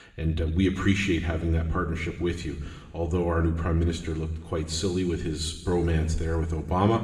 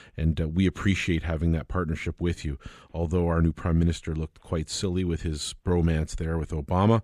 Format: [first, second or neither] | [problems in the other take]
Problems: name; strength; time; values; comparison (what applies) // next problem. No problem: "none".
second | room echo; slight; dies away in 1.4 s // off-mic speech; somewhat distant